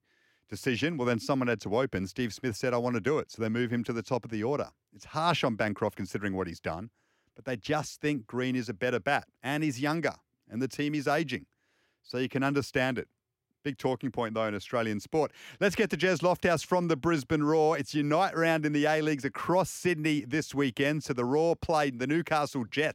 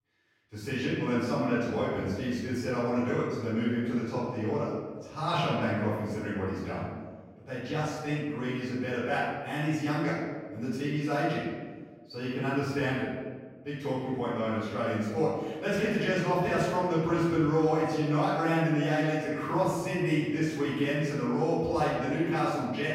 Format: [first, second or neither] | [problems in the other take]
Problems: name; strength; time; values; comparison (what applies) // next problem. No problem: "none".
first | off-mic speech; far // room echo; strong; dies away in 1.3 s